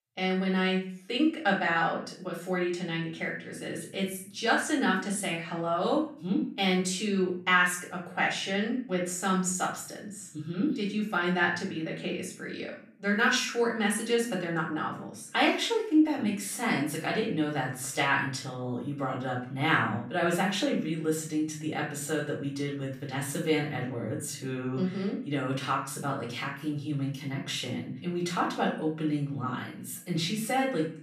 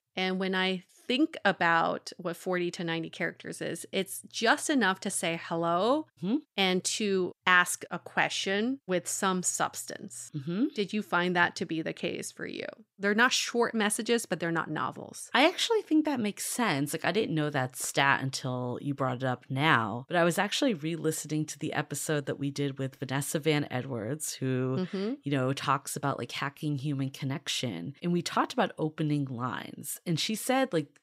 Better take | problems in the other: second | off-mic speech; far // room echo; slight; dies away in 0.4 s

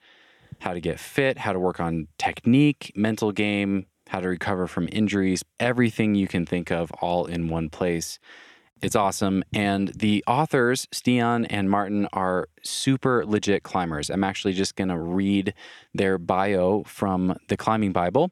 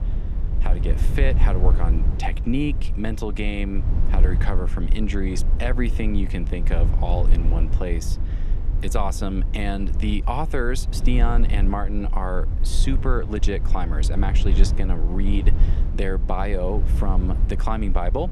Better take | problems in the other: first | low rumble; noticeable; throughout; 10 dB below the speech

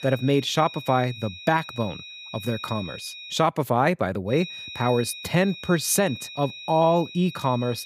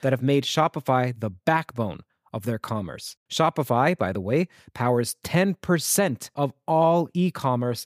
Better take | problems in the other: second | high-pitched whine; noticeable; until 3.5 s and from 4.5 s on; 4 kHz, 15 dB below the speech

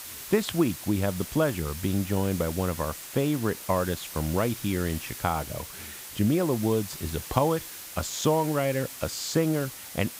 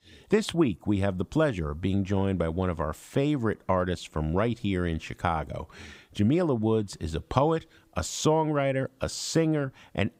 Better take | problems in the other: second | hiss; loud; throughout; 10 dB below the speech

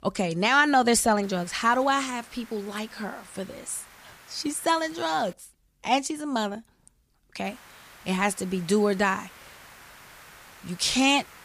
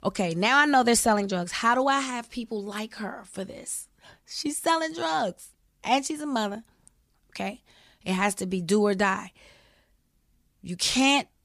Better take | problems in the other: second | hiss; faint; from 1 to 5.5 s and from 7.5 s on; 25 dB below the speech

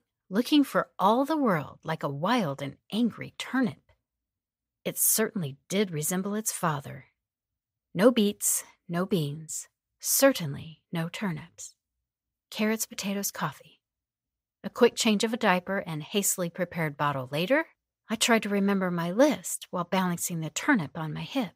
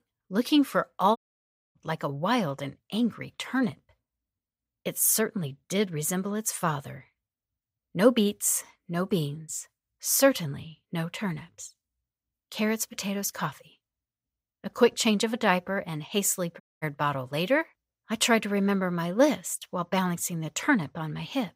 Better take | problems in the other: first | audio cutting out; at 1 s for 0.5 s and at 17 s

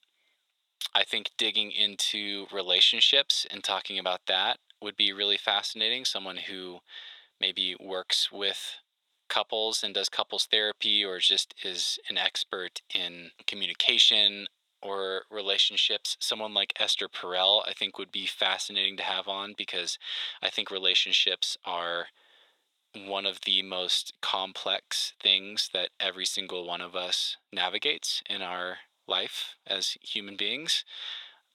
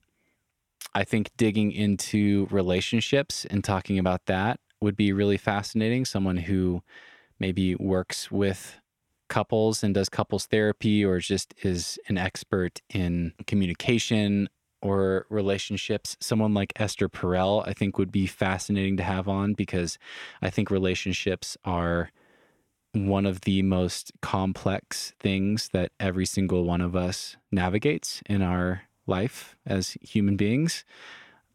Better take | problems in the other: second | thin; very; fading below 700 Hz

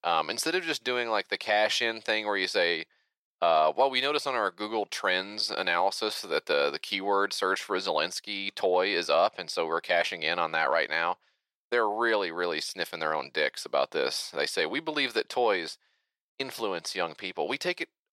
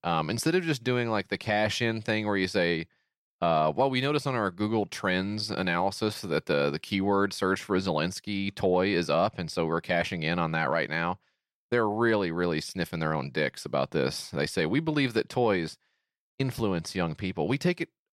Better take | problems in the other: second | thin; very; fading below 550 Hz

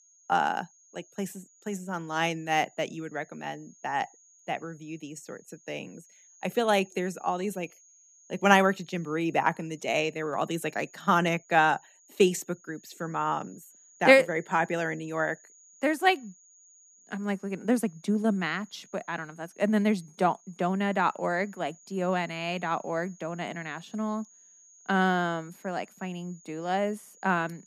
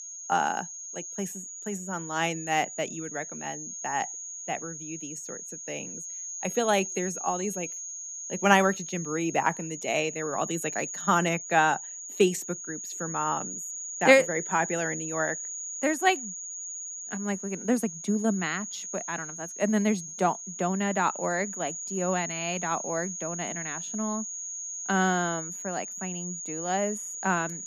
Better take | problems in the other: first | high-pitched whine; loud; throughout; 7 kHz, 6 dB below the speech; faint in the first

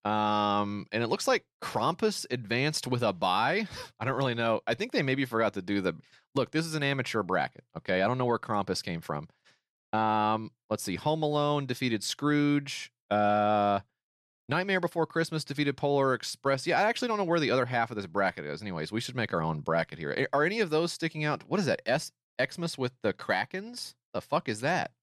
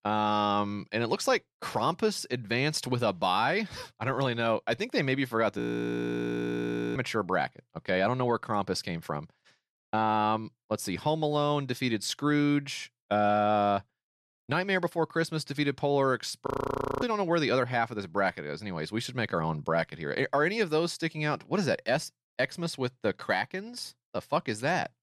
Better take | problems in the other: first | audio freezing; at 5.5 s for 1.5 s and at 16 s for 0.5 s

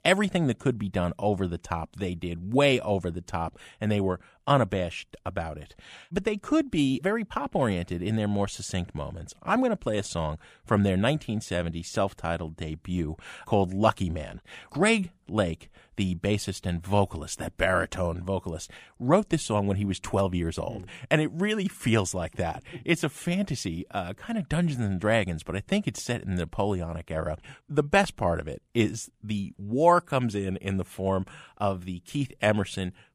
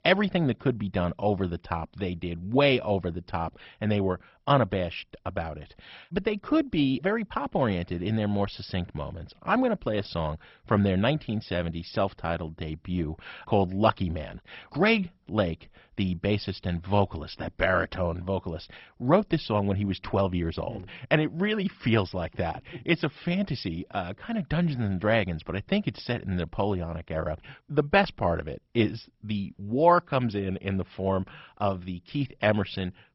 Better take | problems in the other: first | garbled, watery; badly; nothing above 5.5 kHz

